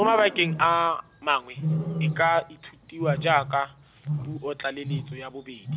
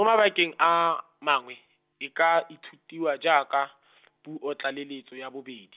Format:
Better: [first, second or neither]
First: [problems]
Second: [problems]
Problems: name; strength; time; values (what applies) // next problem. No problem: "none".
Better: second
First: background sound (Wild animals); 6 dB below the speech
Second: none